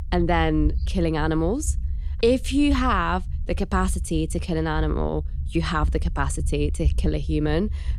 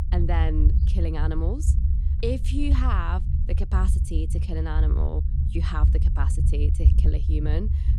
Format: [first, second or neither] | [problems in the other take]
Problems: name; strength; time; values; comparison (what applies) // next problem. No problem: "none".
first | low rumble; loud; throughout; 7 dB below the speech; faint in the first